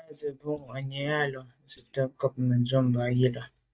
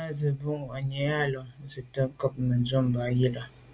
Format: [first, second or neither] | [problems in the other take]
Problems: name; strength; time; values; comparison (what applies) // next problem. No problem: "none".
second | noise reduction (neural mask model DeepFilterNet 3)